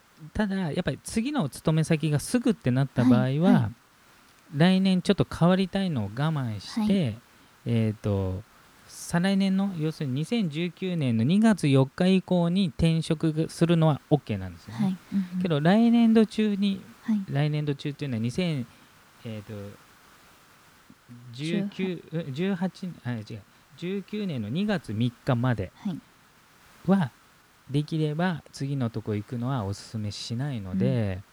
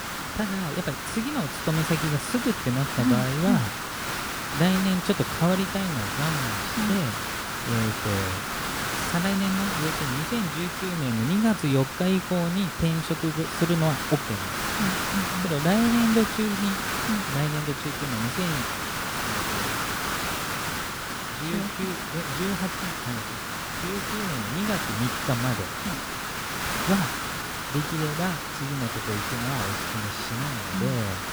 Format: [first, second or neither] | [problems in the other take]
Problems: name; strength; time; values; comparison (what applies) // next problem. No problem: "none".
first | hiss; loud; throughout; 1 dB below the speech; faint in the first